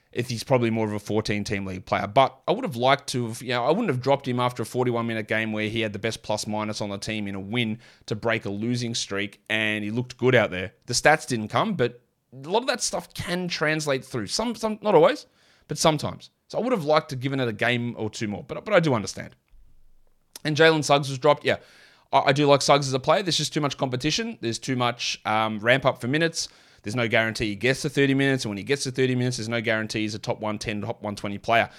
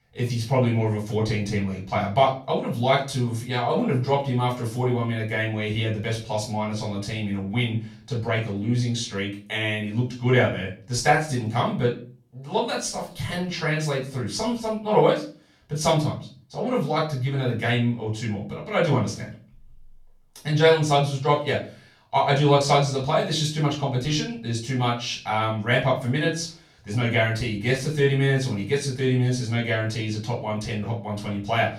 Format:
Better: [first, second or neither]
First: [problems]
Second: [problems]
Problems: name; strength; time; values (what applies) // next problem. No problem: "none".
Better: first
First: none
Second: off-mic speech; far // room echo; slight; dies away in 0.4 s